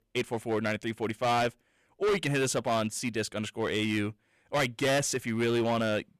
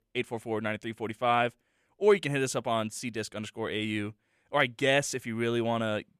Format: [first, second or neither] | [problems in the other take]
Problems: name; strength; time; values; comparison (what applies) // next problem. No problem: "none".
second | distortion; heavy; 11% of the sound clipped